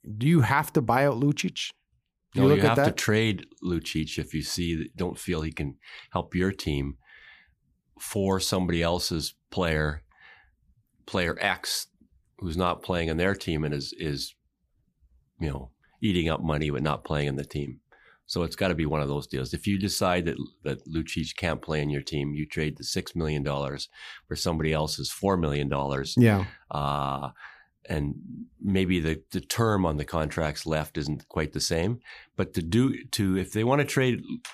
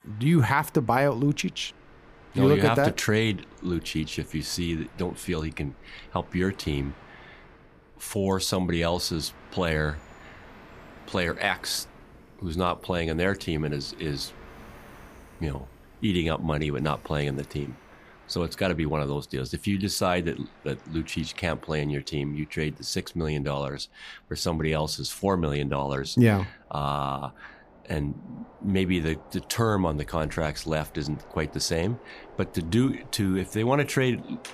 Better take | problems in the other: first | train or aircraft noise; faint; throughout; 25 dB below the speech

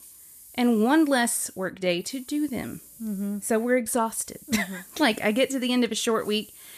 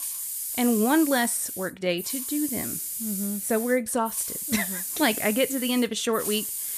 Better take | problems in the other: first | hiss; loud; throughout; 4 dB below the speech; faint in the first

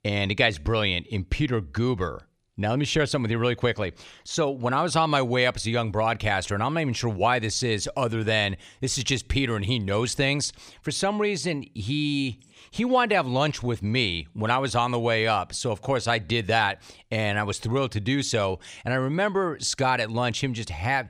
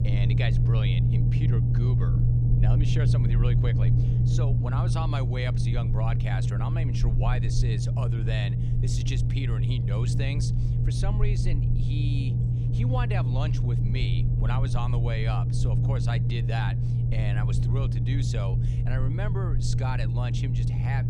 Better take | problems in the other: first | low rumble; loud; throughout; as loud as the speech

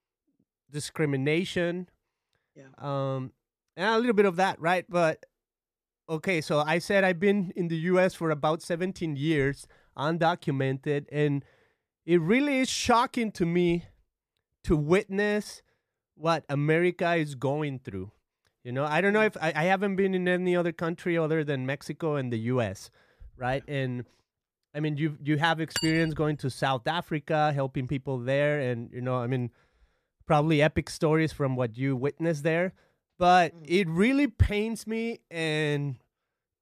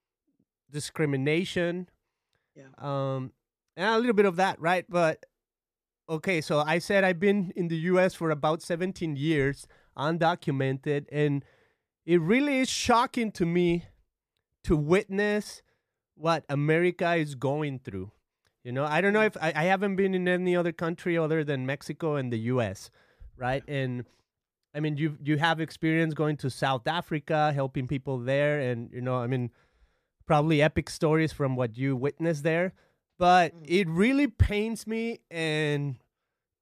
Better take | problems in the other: second | clattering dishes; noticeable; at 26 s; peak 5 dB below the speech

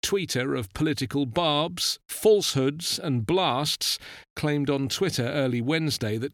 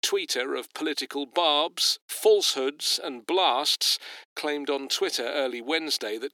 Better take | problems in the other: first | thin; somewhat; fading below 350 Hz

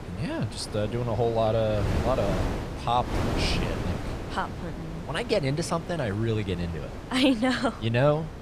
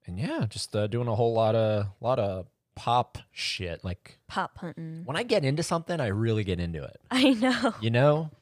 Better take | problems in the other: second | wind noise on the microphone; heavy; 9 dB below the speech

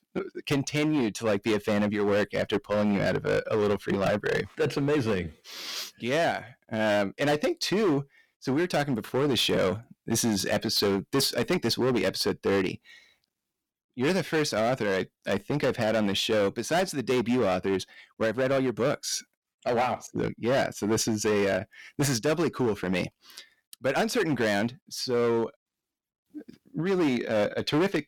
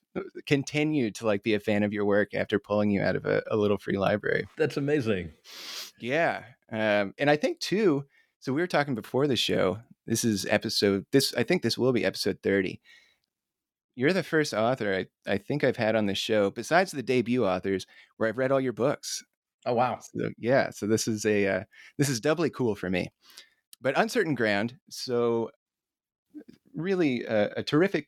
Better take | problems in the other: second | distortion; heavy; 13% of the sound clipped

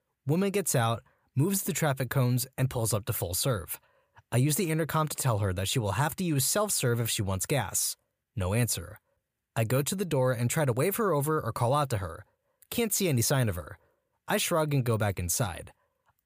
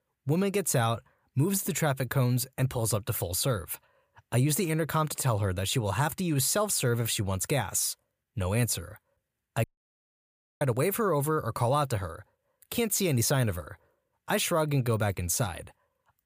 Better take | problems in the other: first | audio cutting out; at 9.5 s for 1 s

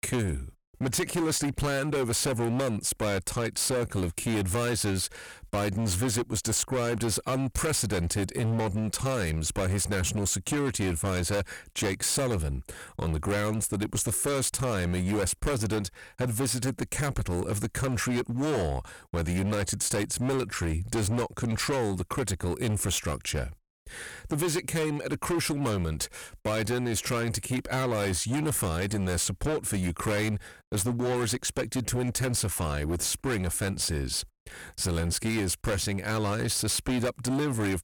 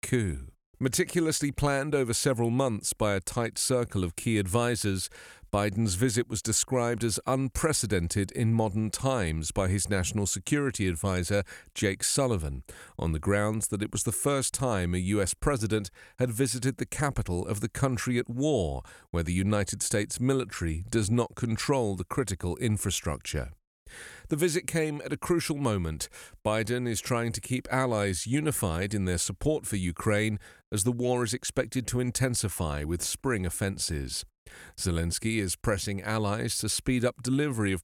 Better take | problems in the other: second | distortion; heavy; 23% of the sound clipped

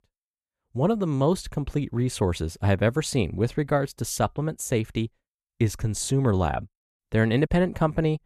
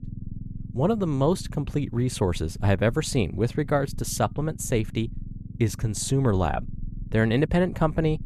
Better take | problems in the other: first | low rumble; faint; throughout; 20 dB below the speech

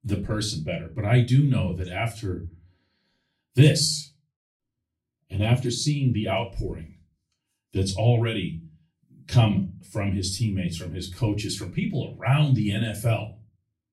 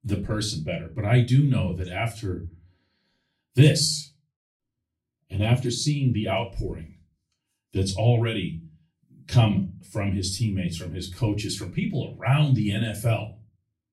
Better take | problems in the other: neither | off-mic speech; far; the same in both // room echo; very slight; dies away in 0.3 s; the same in both

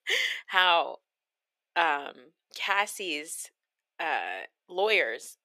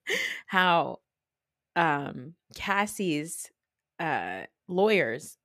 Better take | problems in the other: second | thin; very; fading below 450 Hz

